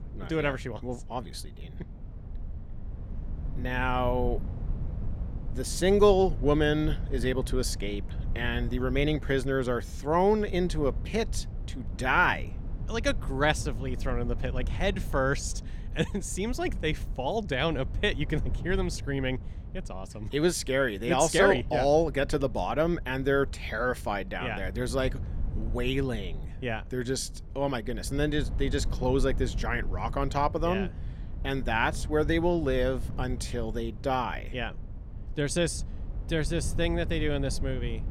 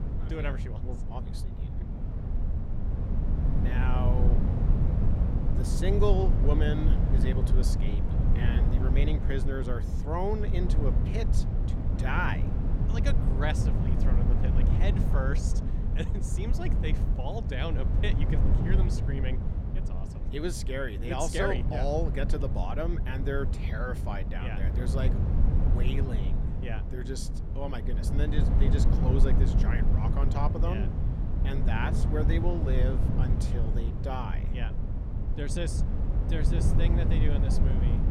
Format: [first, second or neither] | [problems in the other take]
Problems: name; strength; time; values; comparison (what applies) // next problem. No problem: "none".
first | low rumble; loud; throughout; 4 dB below the speech; faint in the first